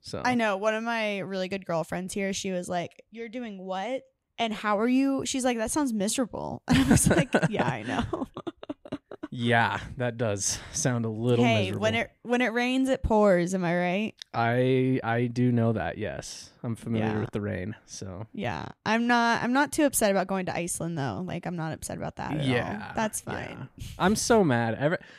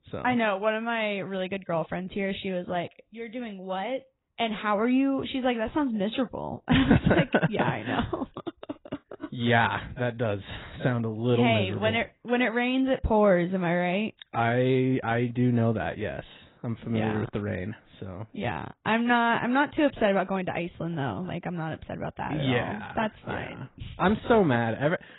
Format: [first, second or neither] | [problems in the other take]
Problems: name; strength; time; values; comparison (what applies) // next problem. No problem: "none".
first | garbled, watery; badly; nothing above 4 kHz